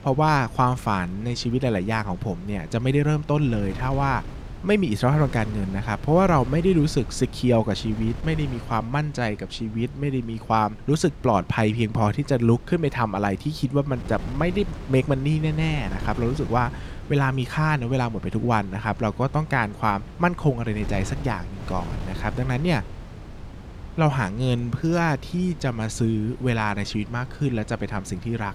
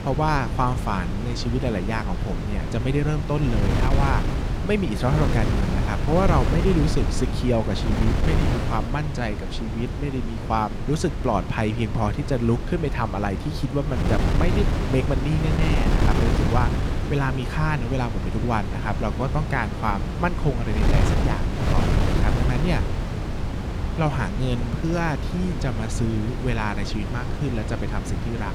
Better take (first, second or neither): first